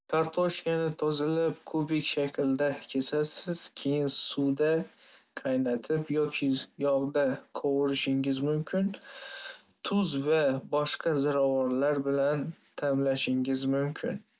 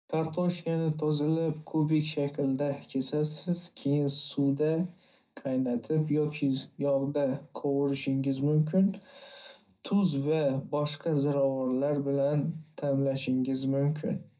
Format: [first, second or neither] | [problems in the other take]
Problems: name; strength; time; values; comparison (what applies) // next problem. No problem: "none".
first | room echo; dies away in 0.4 s